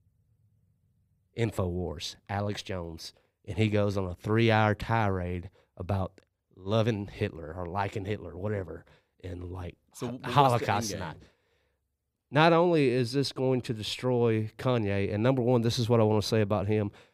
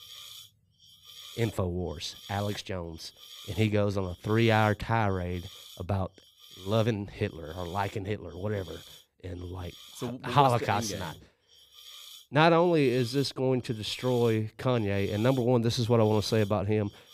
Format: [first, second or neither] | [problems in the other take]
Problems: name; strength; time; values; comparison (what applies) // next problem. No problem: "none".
first | hiss; noticeable; throughout; 20 dB below the speech